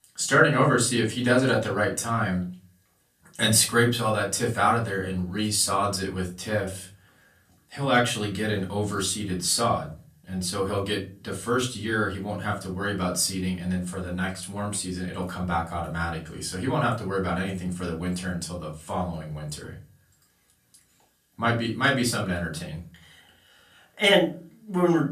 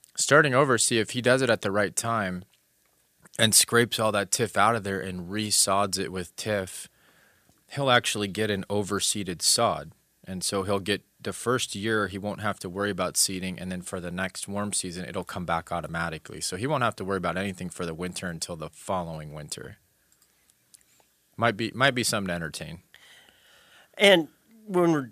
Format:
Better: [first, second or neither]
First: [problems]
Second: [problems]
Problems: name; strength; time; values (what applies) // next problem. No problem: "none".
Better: second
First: off-mic speech; far // room echo; slight; dies away in 0.3 s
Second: none